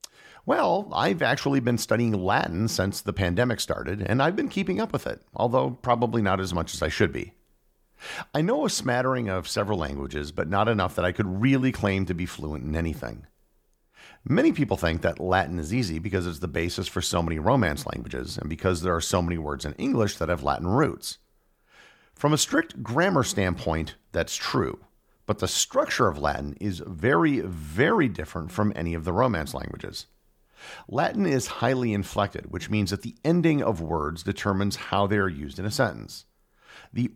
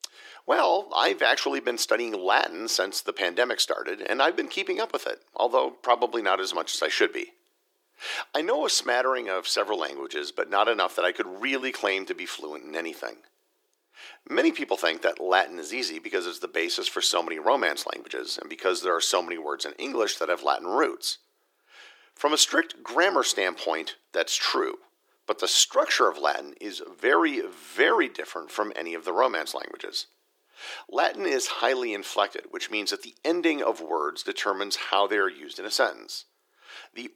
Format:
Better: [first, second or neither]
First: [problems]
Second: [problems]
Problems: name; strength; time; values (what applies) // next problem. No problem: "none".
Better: first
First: none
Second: thin; very; fading below 350 Hz